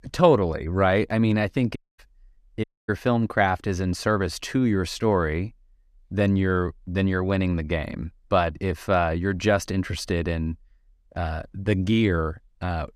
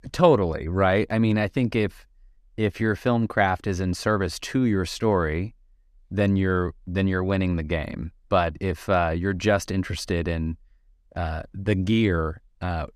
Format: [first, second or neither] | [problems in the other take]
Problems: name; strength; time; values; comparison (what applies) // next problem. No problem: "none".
second | audio cutting out; at 2 s and at 2.5 s